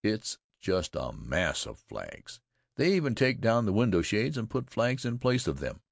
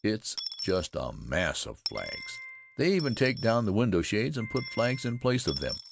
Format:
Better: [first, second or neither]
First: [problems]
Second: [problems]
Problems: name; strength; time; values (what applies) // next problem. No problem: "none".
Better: first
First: none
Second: background sound (Coin (dropping) / Dishes, pots, and pans + Piano); 13 dB below the speech